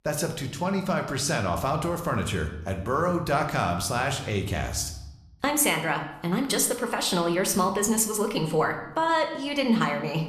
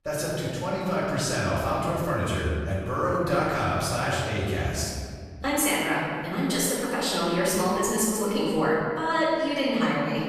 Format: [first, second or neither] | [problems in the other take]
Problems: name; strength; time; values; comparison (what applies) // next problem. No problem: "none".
first | room echo; strong; dies away in 1.8 s; slight in the first // off-mic speech; far